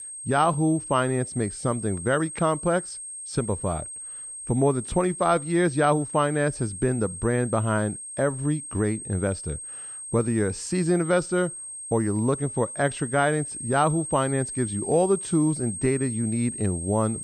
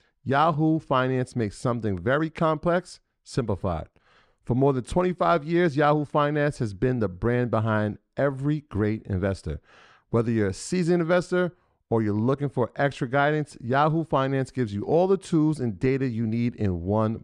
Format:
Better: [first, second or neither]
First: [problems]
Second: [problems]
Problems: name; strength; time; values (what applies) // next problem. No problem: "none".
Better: second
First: high-pitched whine; loud; throughout; 8.5 kHz, 9 dB below the speech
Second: none